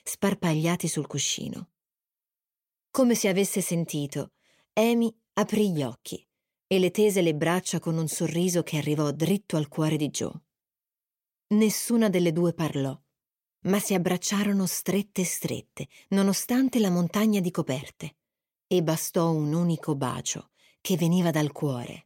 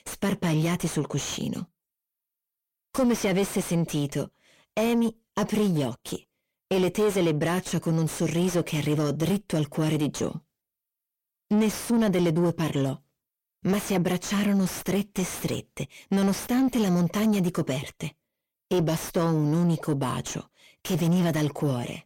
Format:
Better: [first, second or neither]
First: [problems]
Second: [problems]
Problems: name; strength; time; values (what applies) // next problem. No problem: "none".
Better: first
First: none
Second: distortion; slight; 9 dB below the speech